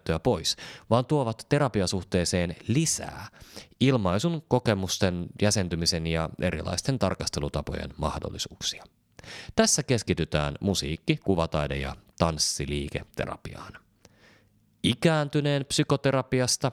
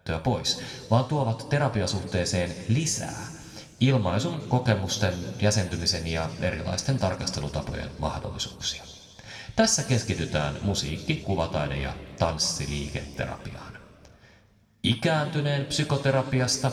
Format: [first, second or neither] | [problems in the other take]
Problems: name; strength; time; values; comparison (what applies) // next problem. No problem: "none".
first | room echo; slight; dies away in 2 s